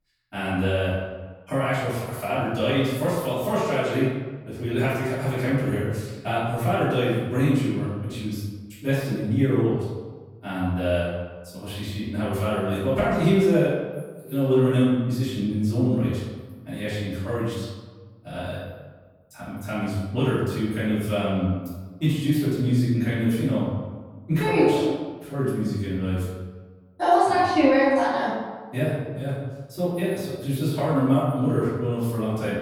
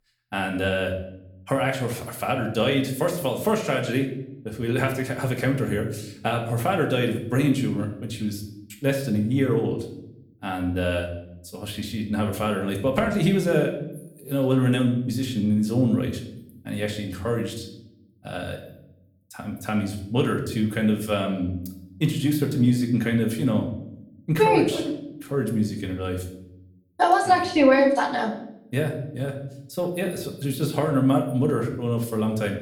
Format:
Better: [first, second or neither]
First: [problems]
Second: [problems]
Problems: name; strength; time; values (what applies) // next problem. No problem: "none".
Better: second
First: room echo; strong; dies away in 1.2 s // off-mic speech; far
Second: room echo; slight; dies away in 0.6 s // off-mic speech; somewhat distant